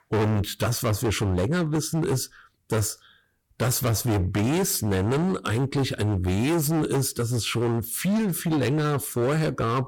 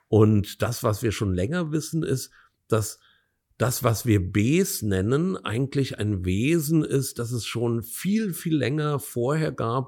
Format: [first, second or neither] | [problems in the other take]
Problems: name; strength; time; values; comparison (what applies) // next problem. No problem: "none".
second | distortion; heavy; 24% of the sound clipped